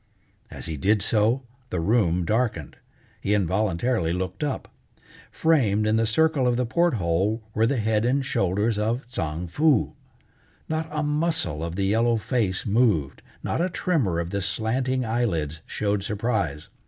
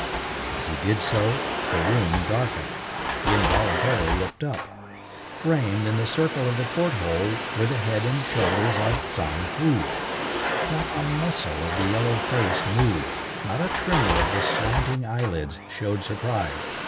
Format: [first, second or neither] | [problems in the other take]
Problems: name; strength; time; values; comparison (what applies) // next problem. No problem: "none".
first | background sound (Domestic sounds, home sounds); 2 dB below the speech